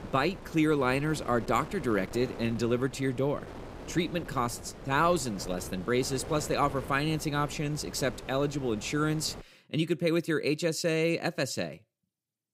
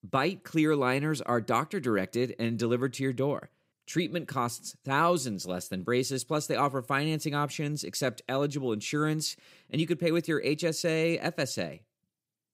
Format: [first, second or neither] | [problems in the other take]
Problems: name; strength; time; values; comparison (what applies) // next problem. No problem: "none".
second | wind noise on the microphone; occasional gusts; until 9.5 s; 15 dB below the speech